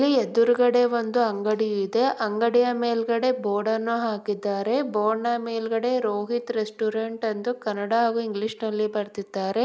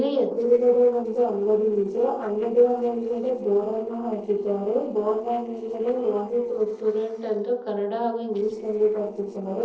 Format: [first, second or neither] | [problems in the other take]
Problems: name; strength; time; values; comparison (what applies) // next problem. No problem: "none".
first | noise reduction (neural separator model SepFormer DNS4)